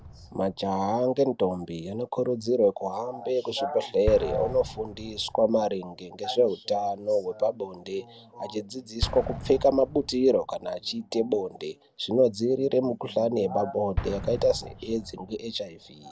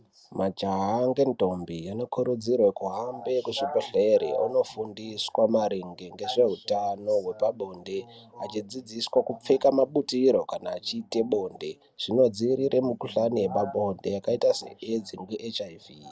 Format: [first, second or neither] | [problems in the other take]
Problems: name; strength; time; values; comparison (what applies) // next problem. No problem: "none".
second | background sound (Explosion); 14 dB below the speech